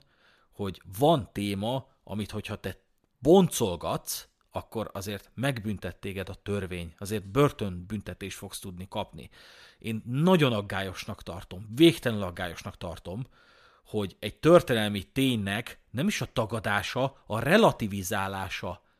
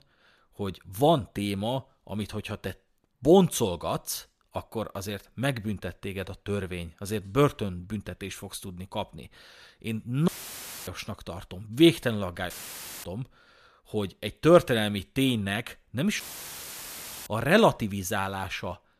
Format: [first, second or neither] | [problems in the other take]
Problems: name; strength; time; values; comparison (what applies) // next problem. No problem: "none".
first | audio cutting out; filled with static; at 10 s for 0.5 s, at 13 s for 0.5 s and at 16 s for 1 s